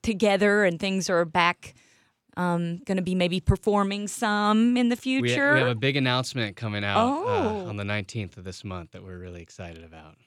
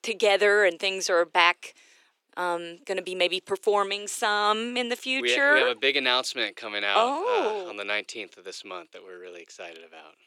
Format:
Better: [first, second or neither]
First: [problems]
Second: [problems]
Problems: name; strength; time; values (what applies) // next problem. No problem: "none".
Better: first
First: none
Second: thin; very; fading below 350 Hz